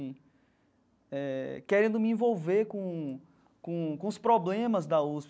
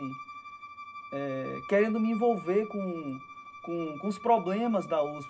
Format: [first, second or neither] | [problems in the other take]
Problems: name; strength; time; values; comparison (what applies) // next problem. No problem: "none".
first | background sound (Bowed string instrument); 14 dB below the speech // room echo; dies away in 0.4 s